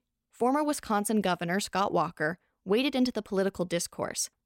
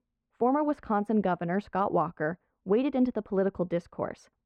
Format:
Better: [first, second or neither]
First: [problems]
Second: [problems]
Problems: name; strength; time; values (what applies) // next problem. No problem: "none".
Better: first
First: none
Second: muffled; very; fading above 4 kHz